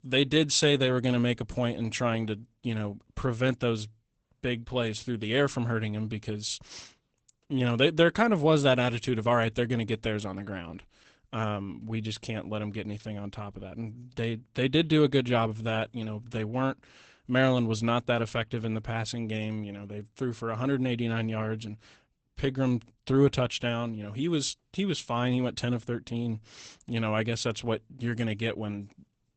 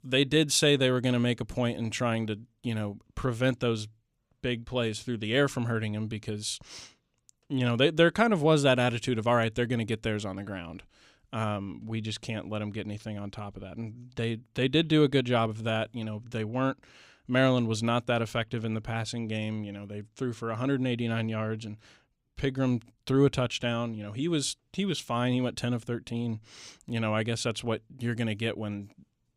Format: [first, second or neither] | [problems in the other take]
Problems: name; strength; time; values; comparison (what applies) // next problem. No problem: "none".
second | garbled, watery; badly; nothing above 8 kHz